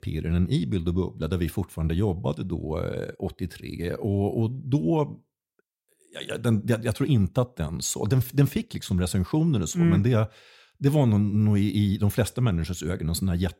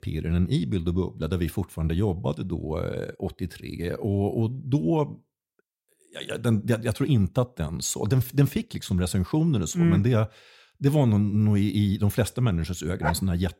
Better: first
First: none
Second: dog barking; noticeable; at 13 s; peak 6 dB below the speech

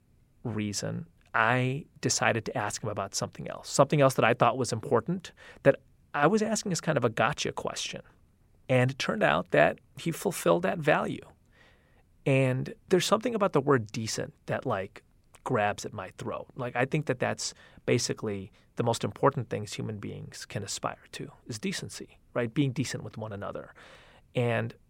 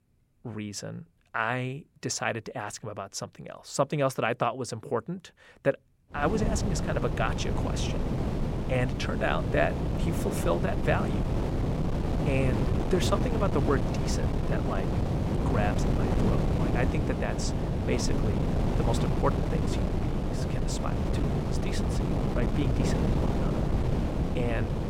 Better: first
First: none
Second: wind noise on the microphone; heavy; from 6 s on; 3 dB below the speech

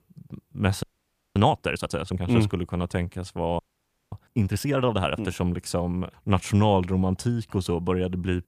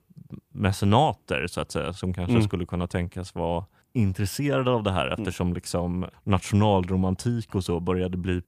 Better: second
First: audio freezing; at 1 s for 0.5 s and at 3.5 s for 0.5 s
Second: none

